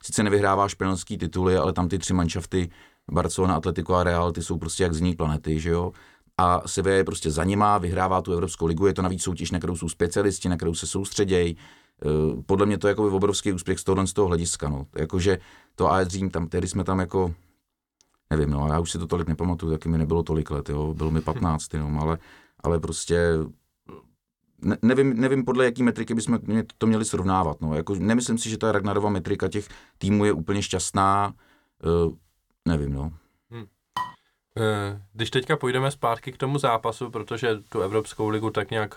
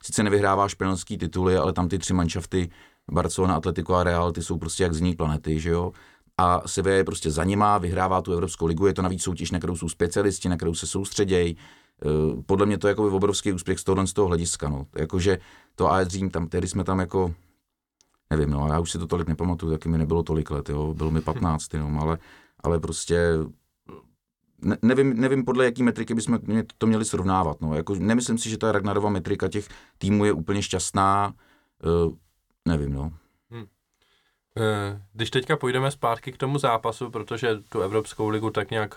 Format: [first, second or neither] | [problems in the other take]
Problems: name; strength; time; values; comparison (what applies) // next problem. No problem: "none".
second | clattering dishes; noticeable; at 34 s; peak 8 dB below the speech